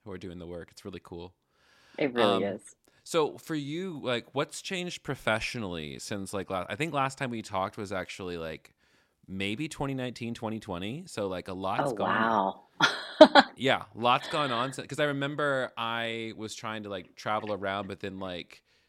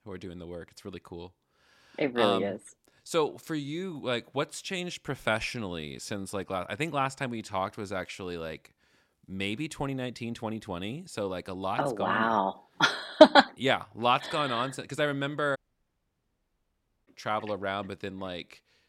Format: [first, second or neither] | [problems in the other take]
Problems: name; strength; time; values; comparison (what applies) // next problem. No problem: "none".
first | audio cutting out; at 16 s for 1.5 s